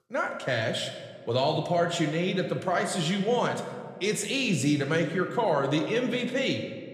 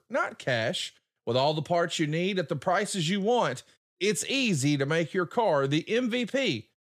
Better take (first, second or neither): second